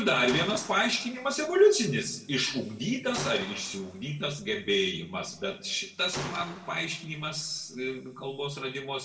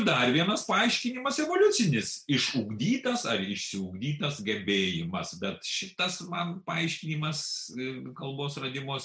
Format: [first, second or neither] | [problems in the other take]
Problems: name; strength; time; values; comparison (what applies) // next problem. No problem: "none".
second | background sound (Gunshot, gunfire); 14 dB below the speech // room echo; dies away in 1.3 s